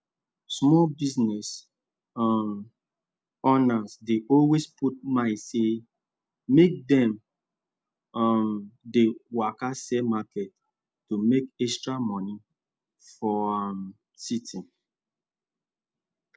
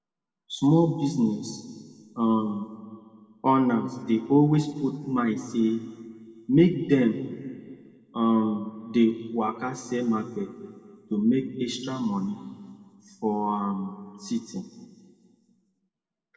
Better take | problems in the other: first | room echo; dies away in 1.8 s

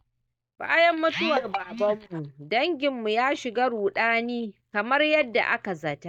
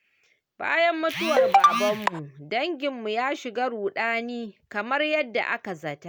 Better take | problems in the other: second | noise reduction (neural mask model DeepFilterNet 3)

